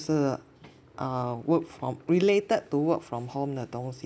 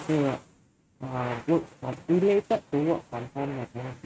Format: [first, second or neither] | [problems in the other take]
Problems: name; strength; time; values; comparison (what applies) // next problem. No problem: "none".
first | noise reduction (neural mask model RNNoise)